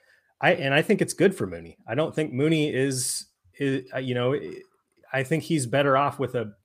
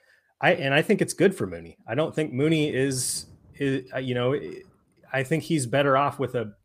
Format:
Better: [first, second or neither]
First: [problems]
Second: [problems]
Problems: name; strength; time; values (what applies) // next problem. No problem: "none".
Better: first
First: none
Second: rain or running water; faint; throughout; 30 dB below the speech